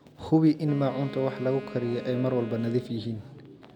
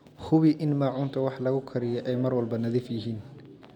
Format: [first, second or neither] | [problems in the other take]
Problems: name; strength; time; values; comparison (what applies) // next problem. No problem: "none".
second | background sound (Wind instrument, woodwind instrument); 16 dB below the speech